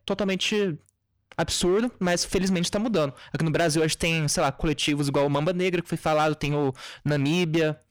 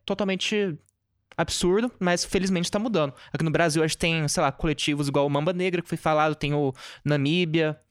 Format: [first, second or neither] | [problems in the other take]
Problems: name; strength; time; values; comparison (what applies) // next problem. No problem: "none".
second | distortion; slight; 8% of the sound clipped